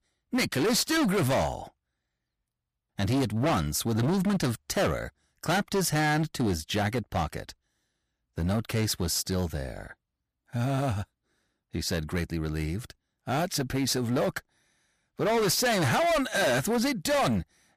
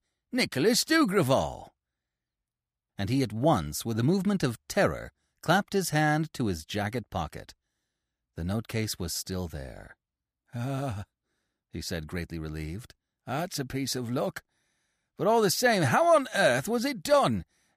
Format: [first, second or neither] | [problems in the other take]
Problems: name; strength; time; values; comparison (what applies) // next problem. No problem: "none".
second | distortion; heavy; 15% of the sound clipped